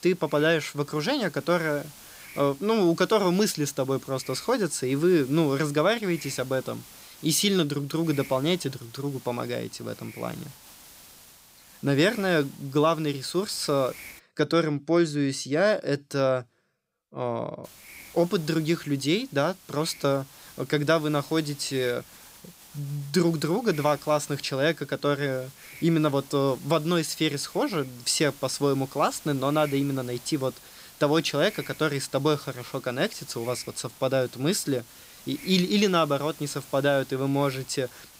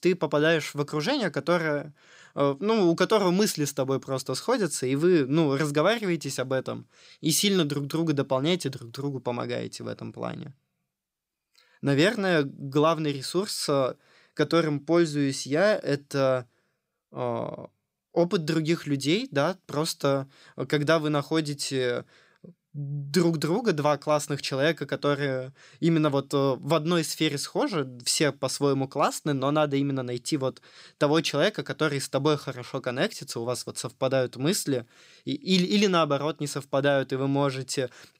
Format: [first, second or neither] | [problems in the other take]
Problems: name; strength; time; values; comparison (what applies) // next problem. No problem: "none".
second | hiss; noticeable; until 14 s and from 18 s on; 20 dB below the speech